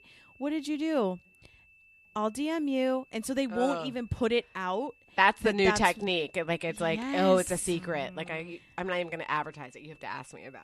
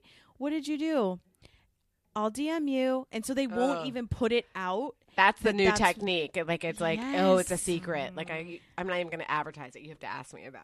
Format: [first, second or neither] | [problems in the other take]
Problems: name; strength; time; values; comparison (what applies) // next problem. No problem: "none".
second | high-pitched whine; faint; throughout; 2.5 kHz, 30 dB below the speech